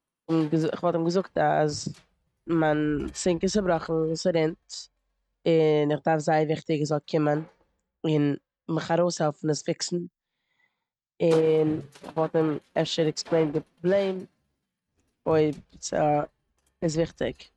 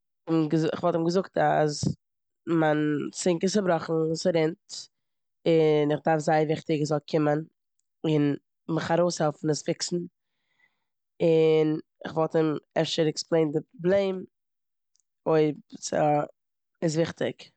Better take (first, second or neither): second